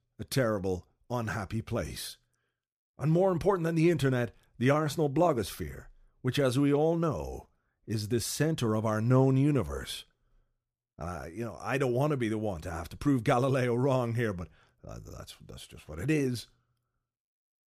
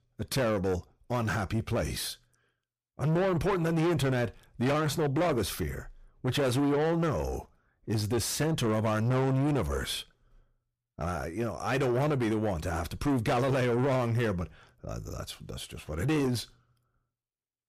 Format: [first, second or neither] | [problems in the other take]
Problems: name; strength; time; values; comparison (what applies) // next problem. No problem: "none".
first | distortion; heavy; 6 dB below the speech